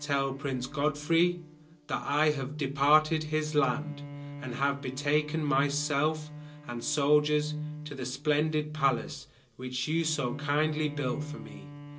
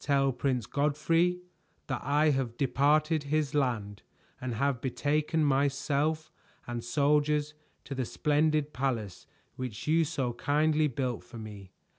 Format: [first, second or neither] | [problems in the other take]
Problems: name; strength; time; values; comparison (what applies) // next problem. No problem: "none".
second | background sound (Bowed string instrument); 15 dB below the speech // room echo; dies away in 0.2 s